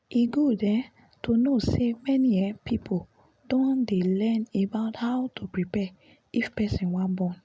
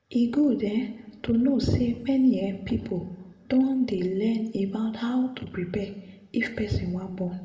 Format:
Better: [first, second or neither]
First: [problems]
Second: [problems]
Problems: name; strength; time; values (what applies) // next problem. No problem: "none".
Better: first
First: none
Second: room echo; dies away in 0.8 s